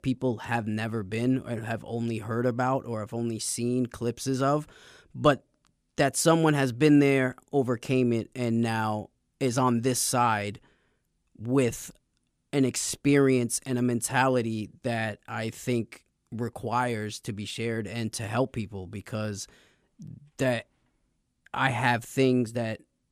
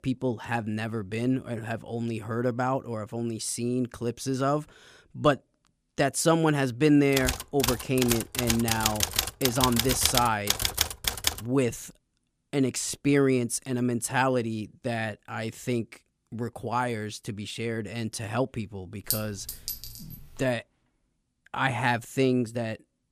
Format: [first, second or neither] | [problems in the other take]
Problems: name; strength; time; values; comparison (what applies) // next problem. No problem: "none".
first | keyboard typing; loud; from 7 to 11 s; peak 4 dB above the speech // clattering dishes; noticeable; from 19 to 20 s; peak 2 dB below the speech